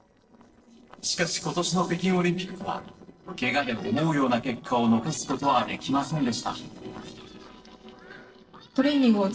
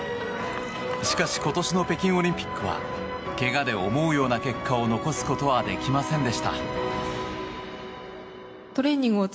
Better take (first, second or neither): second